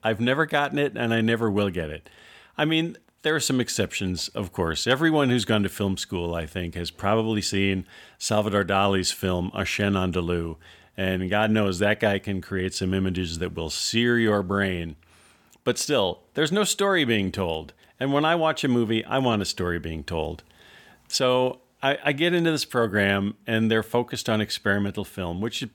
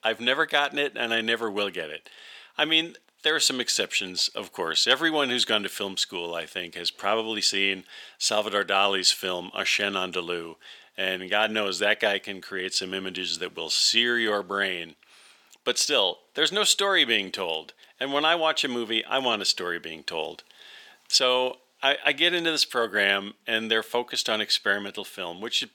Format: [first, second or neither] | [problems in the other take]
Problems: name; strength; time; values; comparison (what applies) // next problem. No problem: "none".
first | thin; somewhat; fading below 400 Hz